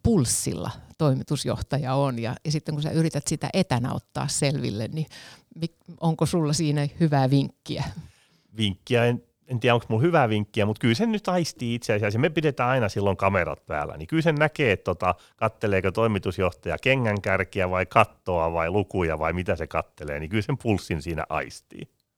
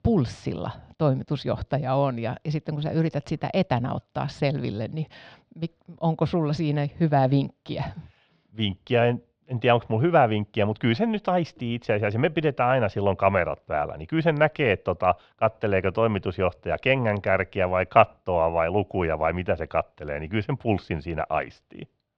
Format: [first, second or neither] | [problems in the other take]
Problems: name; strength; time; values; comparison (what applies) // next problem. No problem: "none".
first | muffled; slightly; fading above 4 kHz